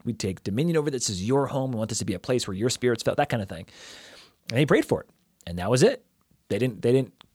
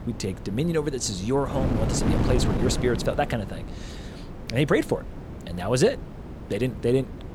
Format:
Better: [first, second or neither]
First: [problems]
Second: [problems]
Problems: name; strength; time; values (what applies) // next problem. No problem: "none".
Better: first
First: none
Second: wind noise on the microphone; heavy; 9 dB below the speech